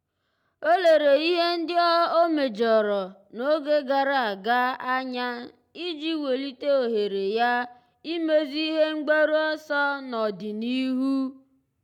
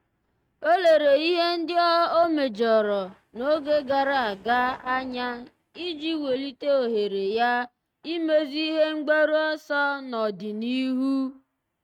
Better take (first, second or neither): first